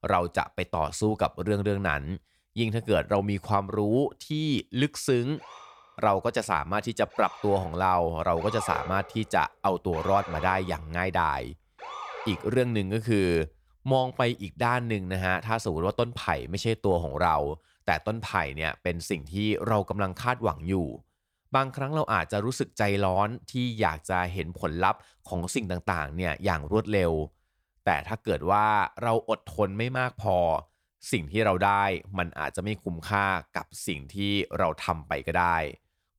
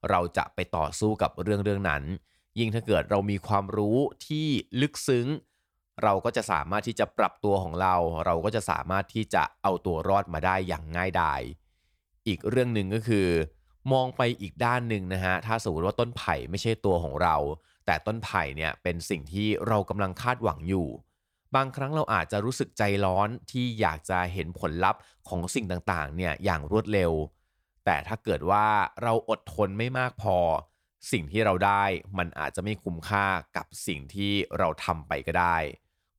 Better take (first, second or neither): second